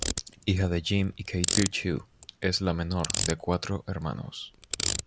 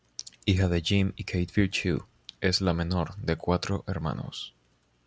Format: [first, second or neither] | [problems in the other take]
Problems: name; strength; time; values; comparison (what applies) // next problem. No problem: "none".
second | background sound (Ratchet, pawl); 5 dB below the speech